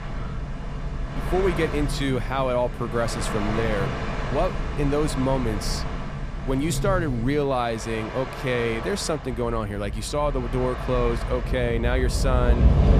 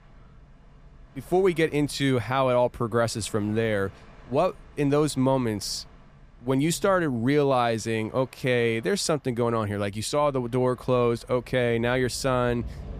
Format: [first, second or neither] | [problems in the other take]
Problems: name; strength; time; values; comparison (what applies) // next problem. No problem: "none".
second | train or aircraft noise; loud; throughout; 3 dB below the speech; faint in the second